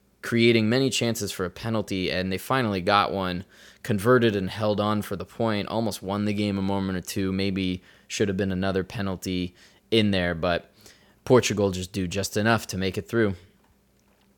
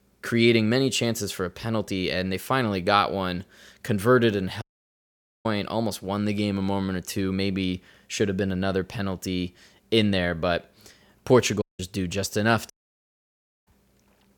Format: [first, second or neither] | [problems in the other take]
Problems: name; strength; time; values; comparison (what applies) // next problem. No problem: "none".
first | audio cutting out; at 4.5 s for 1 s, at 12 s and at 13 s for 1 s